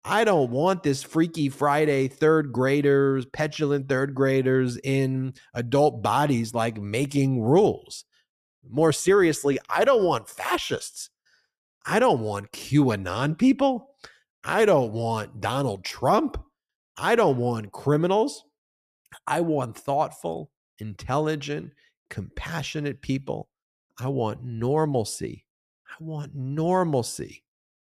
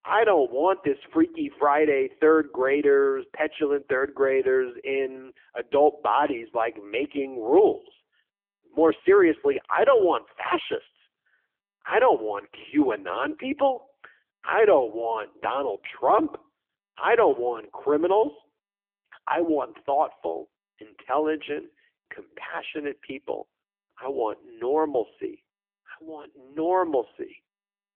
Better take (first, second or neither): first